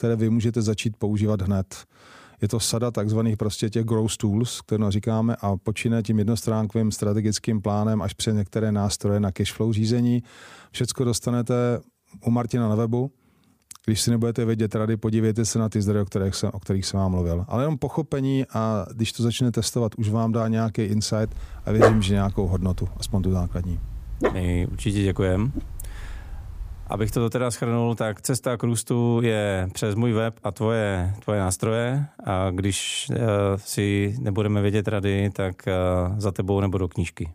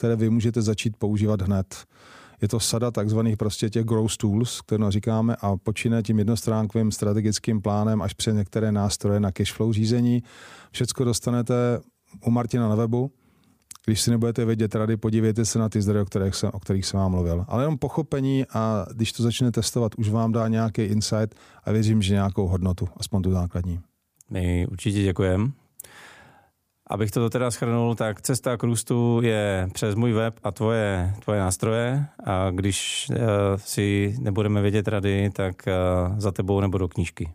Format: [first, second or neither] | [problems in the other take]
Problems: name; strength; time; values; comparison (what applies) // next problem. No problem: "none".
second | dog barking; loud; from 21 to 27 s; peak 5 dB above the speech